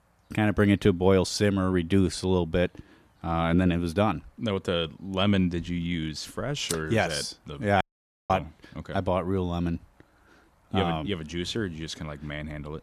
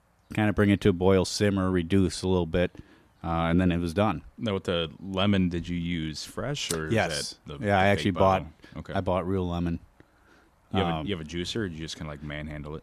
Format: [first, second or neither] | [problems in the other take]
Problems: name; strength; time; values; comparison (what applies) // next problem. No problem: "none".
second | audio cutting out; at 8 s